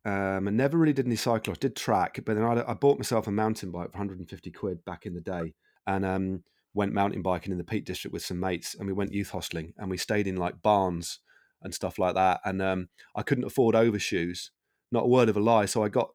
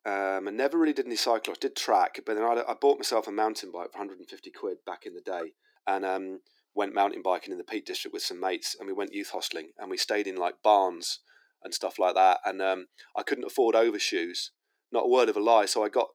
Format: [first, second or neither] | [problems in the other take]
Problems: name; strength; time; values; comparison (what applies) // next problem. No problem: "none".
first | thin; somewhat; fading below 300 Hz